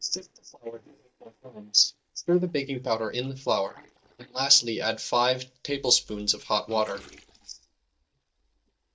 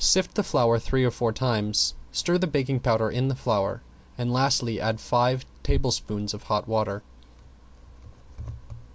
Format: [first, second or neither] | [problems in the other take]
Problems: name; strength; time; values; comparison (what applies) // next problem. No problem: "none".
second | noise reduction (neural mask model DeepFilterNet 3)